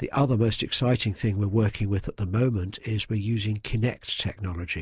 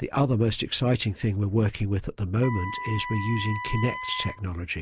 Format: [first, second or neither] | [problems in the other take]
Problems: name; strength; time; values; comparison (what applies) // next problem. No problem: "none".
first | background sound (Wind instrument, woodwind instrument); 9 dB below the speech